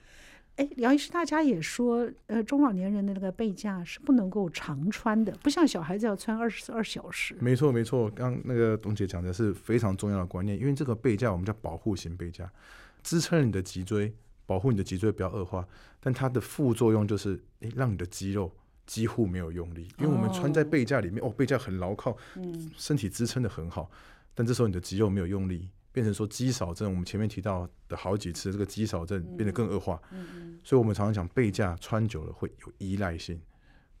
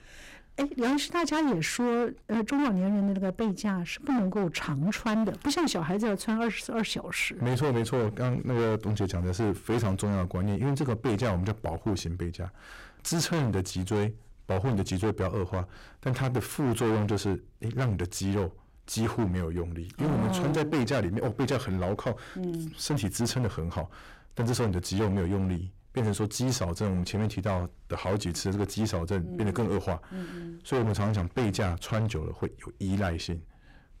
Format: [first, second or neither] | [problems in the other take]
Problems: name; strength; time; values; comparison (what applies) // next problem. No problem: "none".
first | distortion; heavy; 18% of the sound clipped